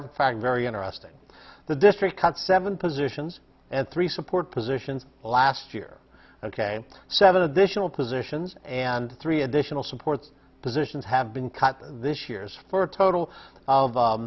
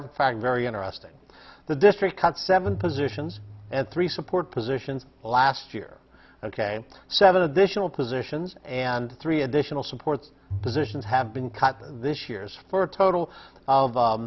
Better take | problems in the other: first | background sound (Bowed string instrument); 13 dB below the speech

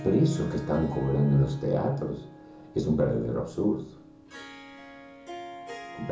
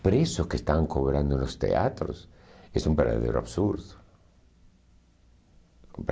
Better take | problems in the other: second | background sound (Harp); 15 dB below the speech // room echo; dies away in 0.7 s

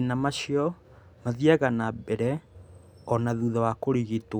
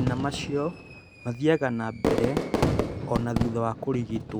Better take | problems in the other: first | background sound (Fireworks); 1 dB below the speech

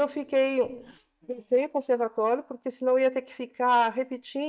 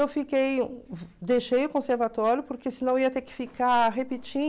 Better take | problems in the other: second | noise reduction (neural mask model DeepFilterNet 3)

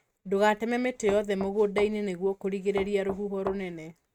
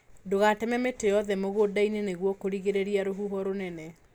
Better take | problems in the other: second | noise reduction (neural mask model RNNoise)

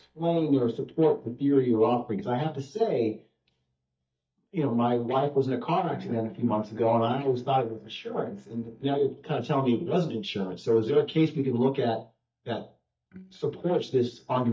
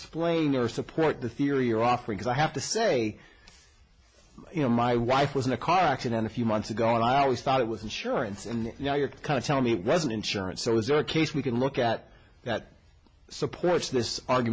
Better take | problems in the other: second | noise reduction (neural mask model DeepFilterNet 3)

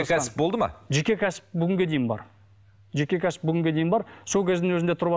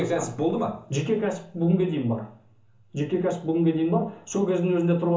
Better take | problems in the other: first | room echo; dies away in 0.8 s

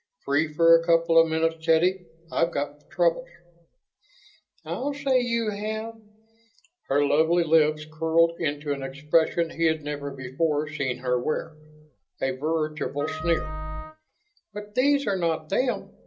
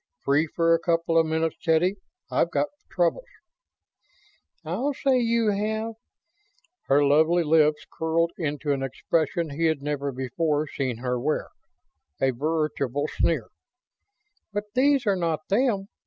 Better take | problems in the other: second | background sound (Wind instrument, woodwind instrument); 12 dB below the speech // room echo; dies away in 0.2 s

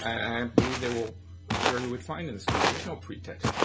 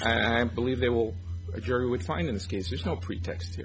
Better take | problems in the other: second | background sound (Walk, footsteps); 3 dB above the speech // room echo; dies away in 0.2 s

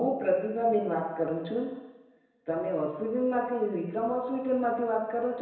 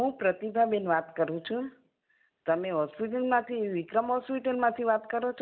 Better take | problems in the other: second | room echo; dies away in 1 s

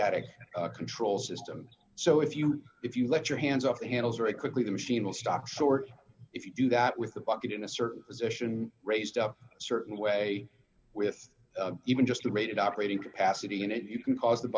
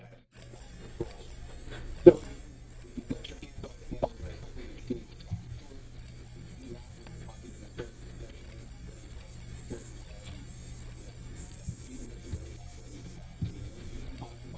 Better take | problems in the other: first | noise reduction (neural mask model DeepFilterNet 3)

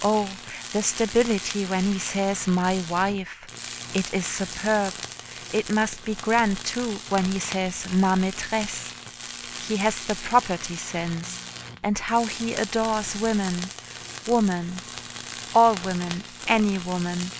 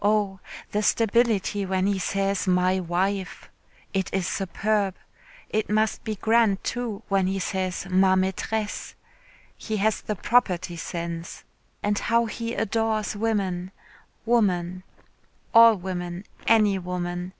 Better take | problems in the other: second | background sound (Tools); 12 dB below the speech

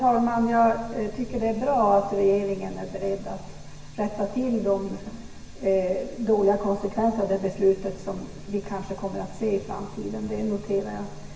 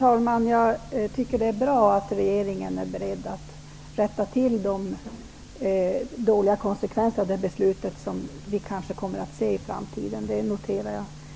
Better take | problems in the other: second | room echo; dies away in 1.1 s

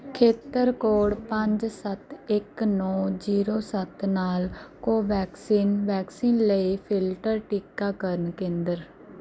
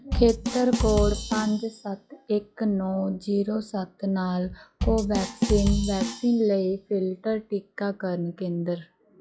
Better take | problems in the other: first | noise reduction (classical method log-MMSE)

